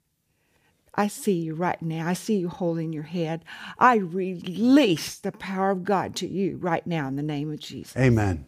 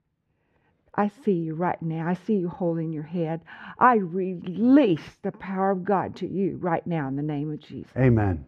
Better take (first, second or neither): first